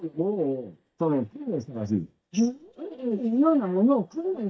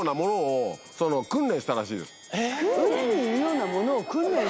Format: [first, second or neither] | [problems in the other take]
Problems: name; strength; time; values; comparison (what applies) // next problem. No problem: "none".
second | noise reduction (neural mask model DeepFilterNet 3)